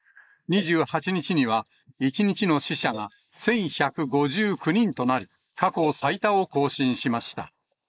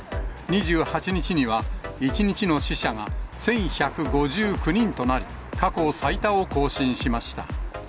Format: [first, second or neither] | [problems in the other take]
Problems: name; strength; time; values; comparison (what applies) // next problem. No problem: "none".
second | noise reduction (neural mask model Resemble Enhance denoiser)